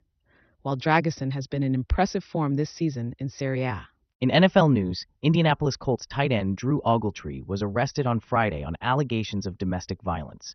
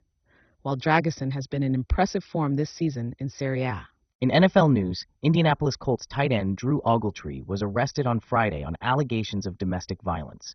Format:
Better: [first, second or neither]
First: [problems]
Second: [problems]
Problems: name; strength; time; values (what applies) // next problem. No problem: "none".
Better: first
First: garbled, watery; slightly; nothing above 6 kHz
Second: garbled, watery; badly; nothing above 6 kHz